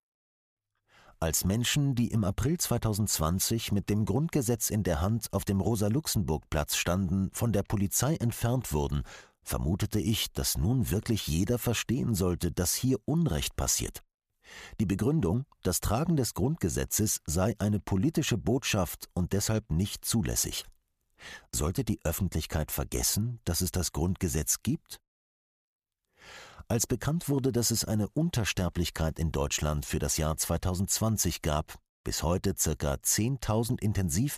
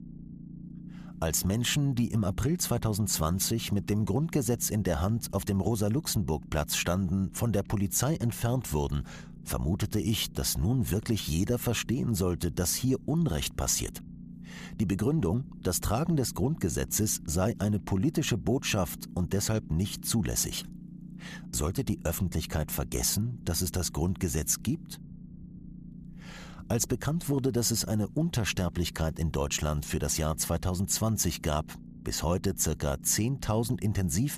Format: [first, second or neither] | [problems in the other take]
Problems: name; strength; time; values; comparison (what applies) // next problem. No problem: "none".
first | low rumble; faint; throughout; 20 dB below the speech